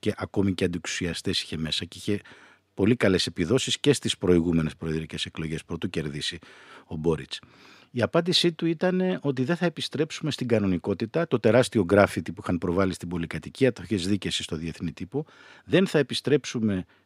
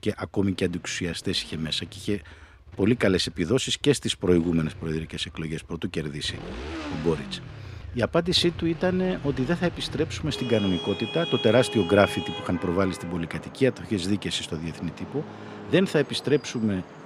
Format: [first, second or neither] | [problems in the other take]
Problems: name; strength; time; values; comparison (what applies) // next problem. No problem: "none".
first | traffic noise; noticeable; throughout; 10 dB below the speech